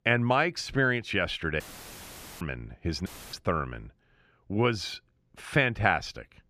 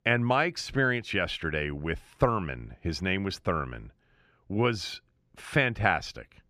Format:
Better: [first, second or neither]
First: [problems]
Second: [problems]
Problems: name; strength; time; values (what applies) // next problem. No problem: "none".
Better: second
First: audio cutting out; filled with static; at 1.5 s for 1 s and at 3 s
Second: none